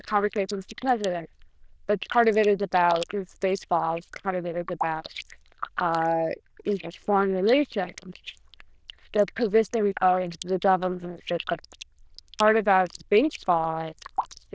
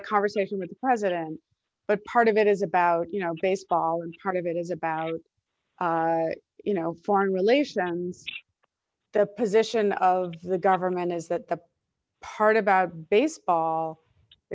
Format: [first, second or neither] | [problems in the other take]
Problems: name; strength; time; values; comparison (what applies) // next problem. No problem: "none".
second | noise reduction (neural diffusion model UNIVERSE++)